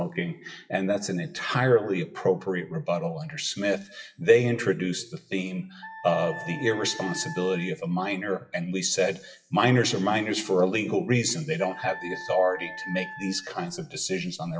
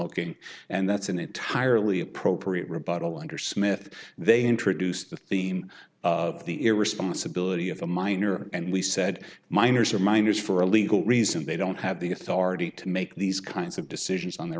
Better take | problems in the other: second | noise reduction (classical method WPE with log-MMSE)

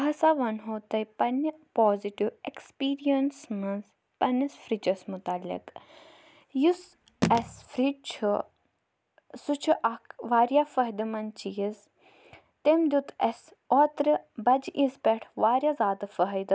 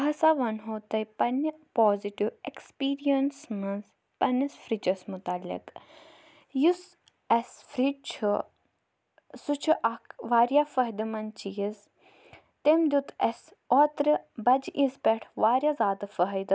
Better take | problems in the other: second | background sound (Telephone); 5 dB below the speech

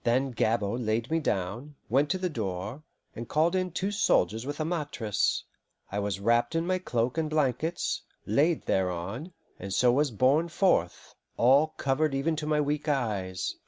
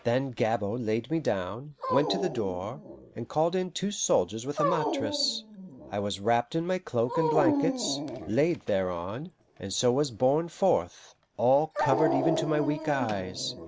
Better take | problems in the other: first | background sound (Dog); 6 dB below the speech

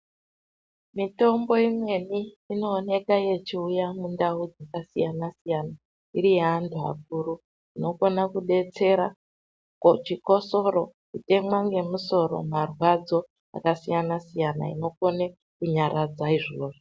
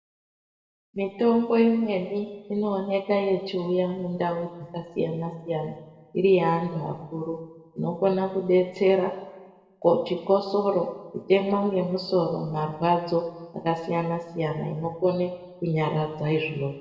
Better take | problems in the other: first | room echo; dies away in 1.1 s

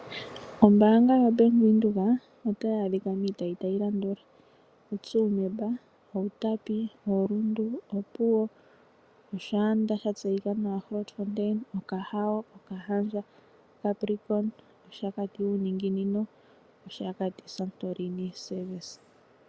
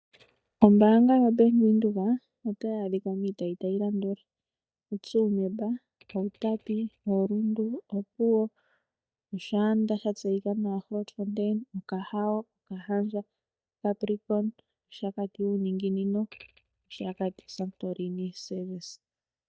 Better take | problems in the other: first | noise reduction (neural mask model DeepFilterNet 3)

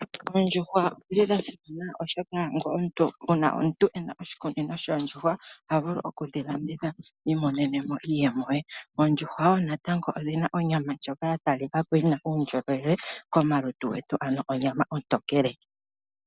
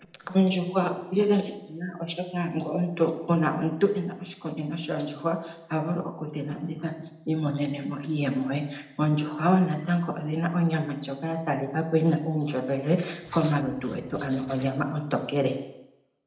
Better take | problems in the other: first | noise reduction (neural separator model SepFormer DNS4)

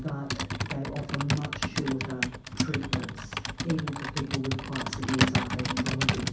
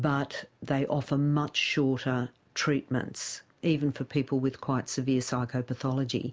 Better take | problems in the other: second | background sound (Computer keyboard); 3 dB above the speech // room echo; dies away in 0.6 s

